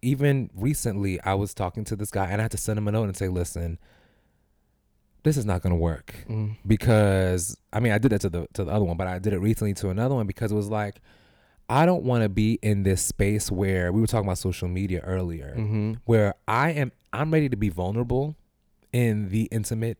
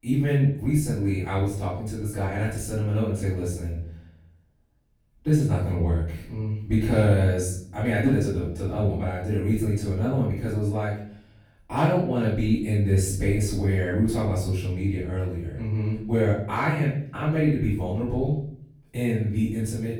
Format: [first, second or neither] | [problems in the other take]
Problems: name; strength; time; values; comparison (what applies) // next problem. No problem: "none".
first | off-mic speech; far // room echo; noticeable; dies away in 0.6 s